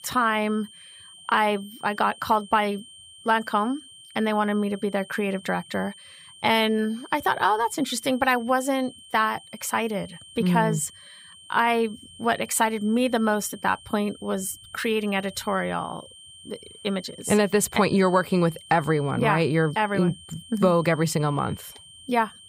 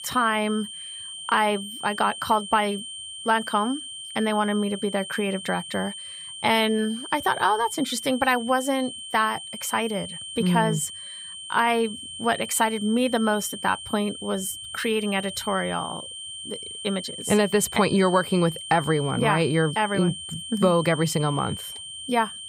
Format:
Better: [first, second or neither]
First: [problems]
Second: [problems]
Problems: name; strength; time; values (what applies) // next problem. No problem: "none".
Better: first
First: high-pitched whine; faint; throughout; 3 kHz, 20 dB below the speech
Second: high-pitched whine; loud; throughout; 3 kHz, 10 dB below the speech